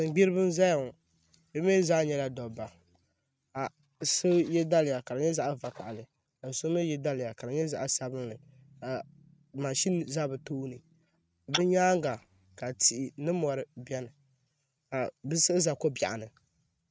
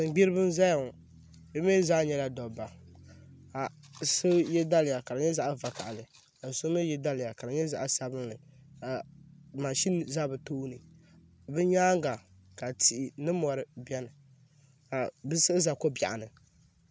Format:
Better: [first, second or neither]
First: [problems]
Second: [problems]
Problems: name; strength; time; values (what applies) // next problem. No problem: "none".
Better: second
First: noise reduction (neural mask model RNNoise)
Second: none